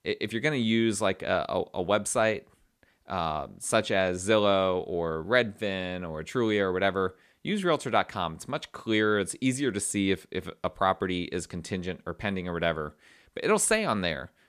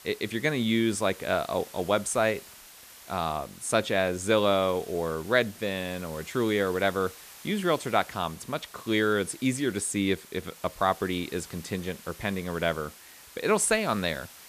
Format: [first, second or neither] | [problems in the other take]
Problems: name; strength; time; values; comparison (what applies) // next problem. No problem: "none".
first | hiss; noticeable; throughout; 20 dB below the speech